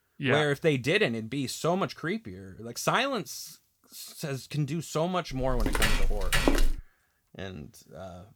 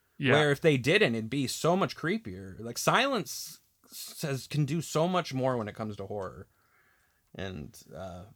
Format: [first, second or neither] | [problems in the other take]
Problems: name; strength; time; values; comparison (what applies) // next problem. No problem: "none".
second | footsteps; loud; from 5.5 to 7 s; peak 4 dB above the speech